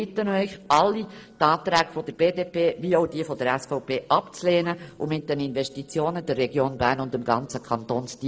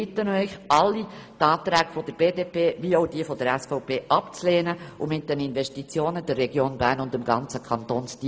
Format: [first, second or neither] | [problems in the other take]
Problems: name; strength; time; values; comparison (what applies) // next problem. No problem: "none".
second | noise reduction (neural separator model SepFormer DNS4)